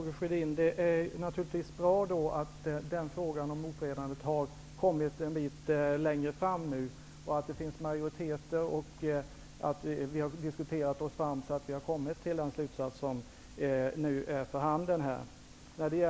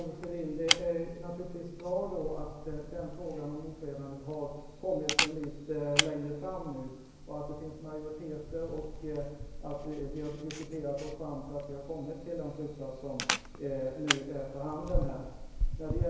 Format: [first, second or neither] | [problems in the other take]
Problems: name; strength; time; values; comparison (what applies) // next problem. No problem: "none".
first | background sound (Camera); as loud as the speech // room echo; dies away in 1 s